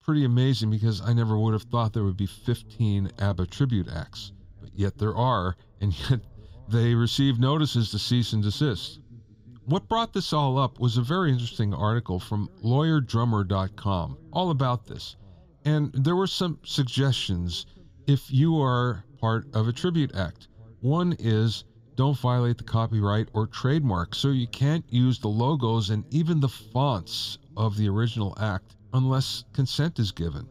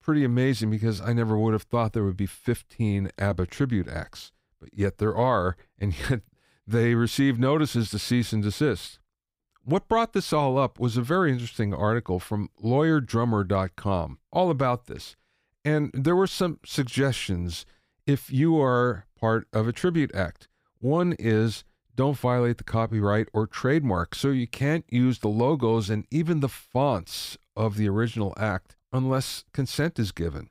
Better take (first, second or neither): second